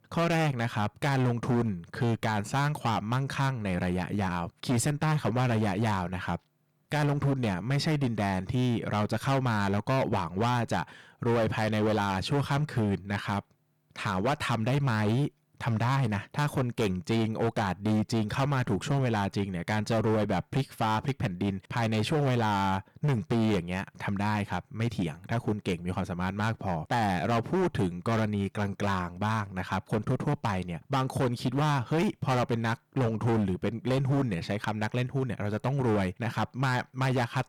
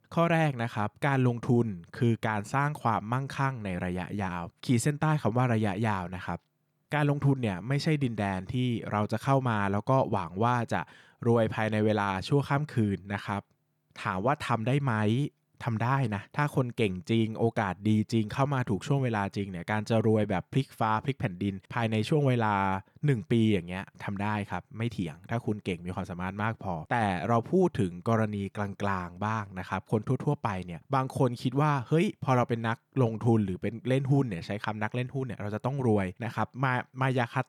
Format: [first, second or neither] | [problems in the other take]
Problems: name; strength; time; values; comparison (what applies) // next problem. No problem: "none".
second | distortion; heavy; 16% of the sound clipped